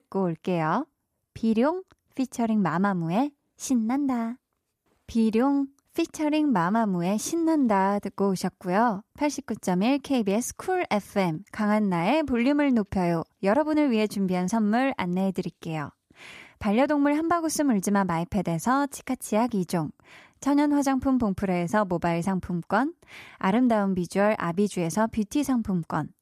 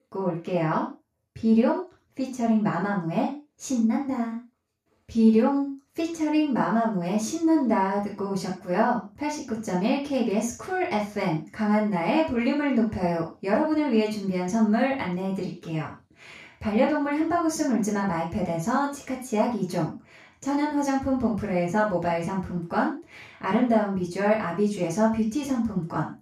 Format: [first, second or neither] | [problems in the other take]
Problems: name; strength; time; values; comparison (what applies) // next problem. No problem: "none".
first | room echo; noticeable; dies away in 0.3 s // off-mic speech; far